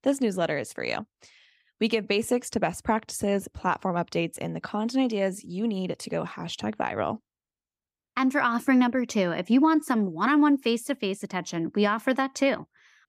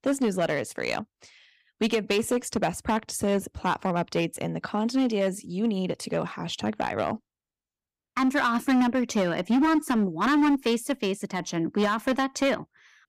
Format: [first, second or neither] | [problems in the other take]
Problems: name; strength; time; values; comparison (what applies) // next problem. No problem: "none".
first | distortion; slight; 7% of the sound clipped